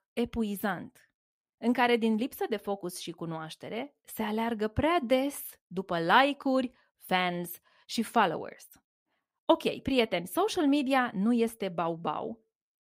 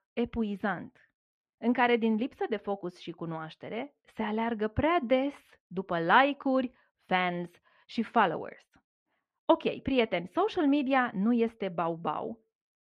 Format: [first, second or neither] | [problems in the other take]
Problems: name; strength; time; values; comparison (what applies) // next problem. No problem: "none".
first | muffled; slightly; fading above 2.5 kHz